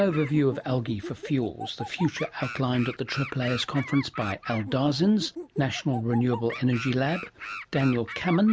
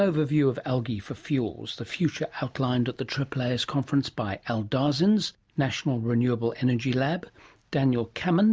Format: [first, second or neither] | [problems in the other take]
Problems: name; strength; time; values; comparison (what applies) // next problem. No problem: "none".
second | background sound (Animal); 13 dB below the speech